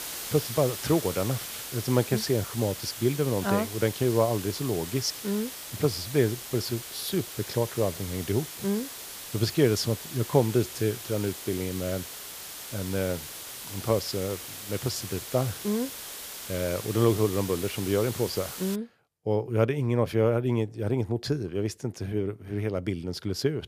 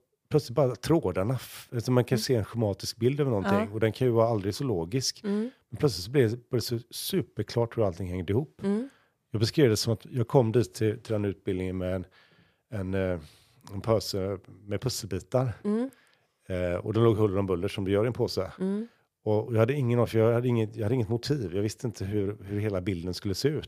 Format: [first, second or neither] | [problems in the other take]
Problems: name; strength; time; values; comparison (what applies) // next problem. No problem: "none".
second | hiss; loud; until 19 s; 8 dB below the speech